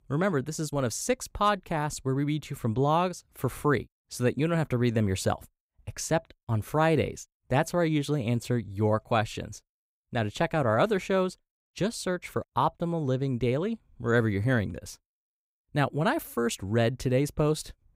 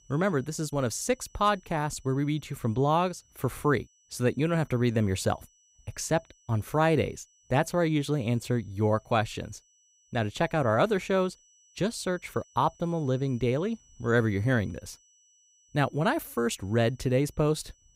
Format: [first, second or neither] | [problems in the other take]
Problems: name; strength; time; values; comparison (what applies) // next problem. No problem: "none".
first | high-pitched whine; faint; throughout; 6 kHz, 30 dB below the speech